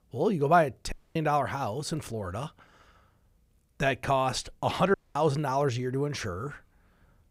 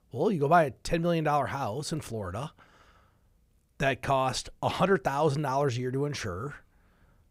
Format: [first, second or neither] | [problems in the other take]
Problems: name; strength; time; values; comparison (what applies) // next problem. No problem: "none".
second | audio cutting out; at 1 s and at 5 s